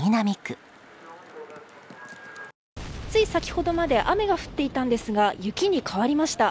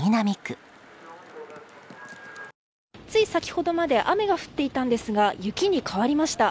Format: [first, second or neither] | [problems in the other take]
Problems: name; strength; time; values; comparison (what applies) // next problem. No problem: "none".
second | background sound (Boom); 13 dB below the speech